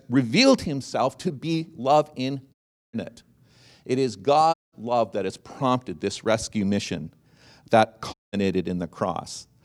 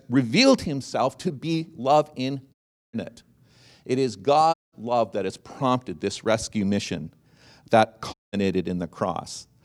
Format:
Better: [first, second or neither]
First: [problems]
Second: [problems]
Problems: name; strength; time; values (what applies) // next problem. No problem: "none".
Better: neither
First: audio cutting out; at 2.5 s, at 4.5 s and at 8 s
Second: audio cutting out; at 2.5 s, at 4.5 s and at 8 s